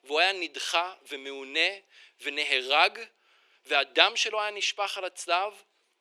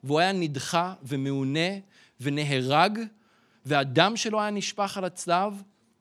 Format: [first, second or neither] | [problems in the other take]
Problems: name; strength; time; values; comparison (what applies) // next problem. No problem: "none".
second | thin; very; fading below 350 Hz